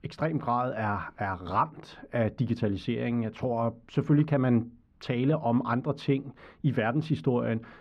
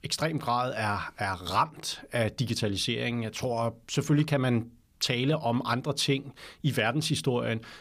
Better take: second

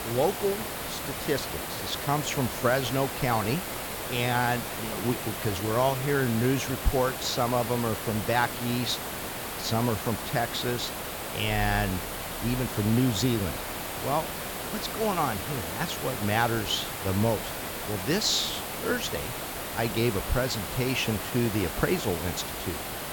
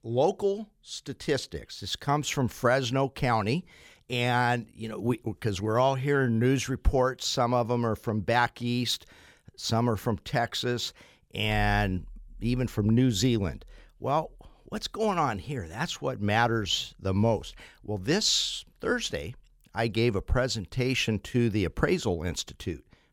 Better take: second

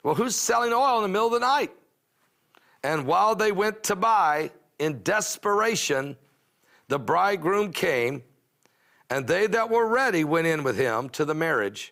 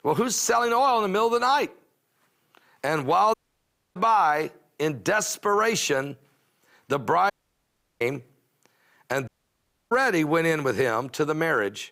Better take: first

